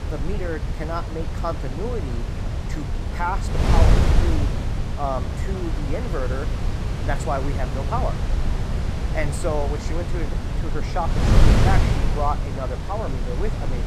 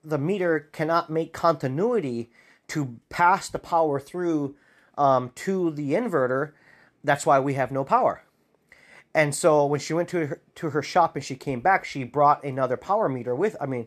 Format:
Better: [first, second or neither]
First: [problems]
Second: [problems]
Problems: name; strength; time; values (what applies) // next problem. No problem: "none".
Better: second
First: wind noise on the microphone; heavy; 3 dB below the speech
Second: none